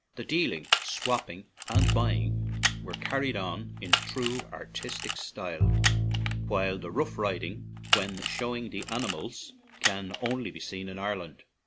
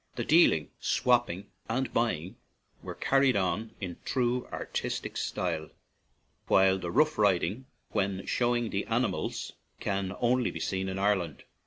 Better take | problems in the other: second | background sound (Bowed string instrument + Camera); 3 dB above the speech

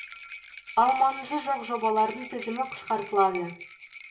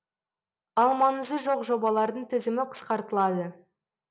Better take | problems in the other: second | background sound (Rattle); 15 dB below the speech // room echo; dies away in 0.1 s

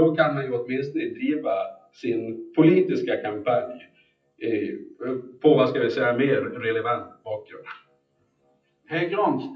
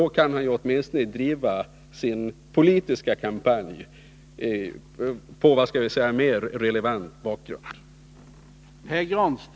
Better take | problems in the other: second | noise reduction (classical method WPE with log-MMSE)

